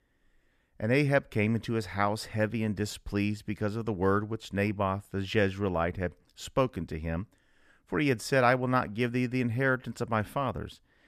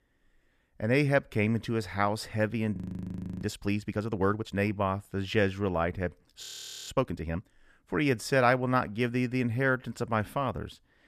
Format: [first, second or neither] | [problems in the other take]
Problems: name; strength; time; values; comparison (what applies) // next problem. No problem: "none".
first | audio freezing; at 3 s for 0.5 s and at 6.5 s